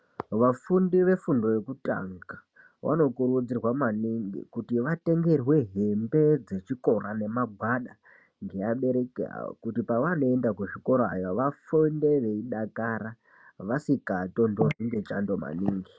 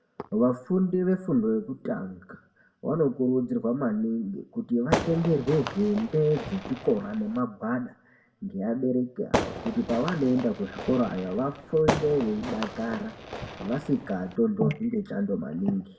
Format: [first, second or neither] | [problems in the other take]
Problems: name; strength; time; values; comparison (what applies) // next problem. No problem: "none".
first | background sound (Fireworks); 6 dB below the speech // room echo; dies away in 0.5 s